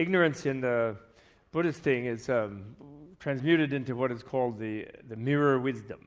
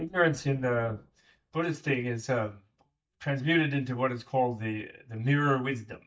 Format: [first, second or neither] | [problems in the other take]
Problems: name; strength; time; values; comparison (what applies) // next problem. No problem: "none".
first | noise reduction (neural mask model DeepFilterNet 3)